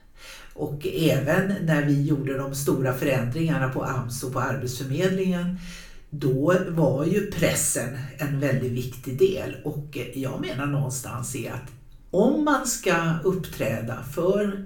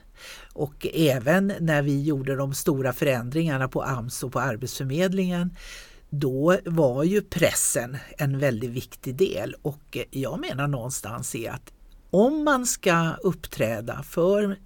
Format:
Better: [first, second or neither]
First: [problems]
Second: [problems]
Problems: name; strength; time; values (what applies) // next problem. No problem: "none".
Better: second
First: room echo; slight; dies away in 0.4 s // off-mic speech; somewhat distant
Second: none